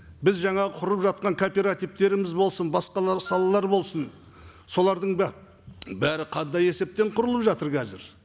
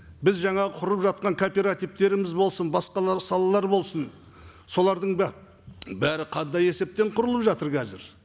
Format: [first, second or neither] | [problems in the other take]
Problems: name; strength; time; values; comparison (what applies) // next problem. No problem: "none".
second | background sound (Wind instrument, woodwind instrument); 16 dB below the speech